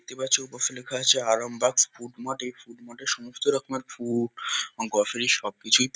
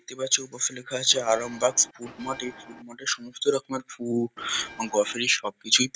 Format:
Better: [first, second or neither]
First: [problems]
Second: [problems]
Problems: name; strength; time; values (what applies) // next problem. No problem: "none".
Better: first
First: none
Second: background sound (Bell); 18 dB below the speech